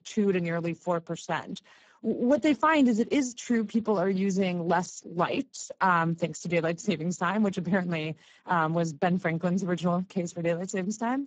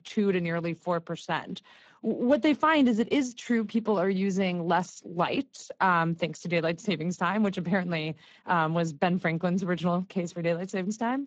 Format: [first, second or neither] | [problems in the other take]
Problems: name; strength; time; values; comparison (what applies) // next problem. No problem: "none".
second | garbled, watery; badly; nothing above 7.5 kHz; slightly in the second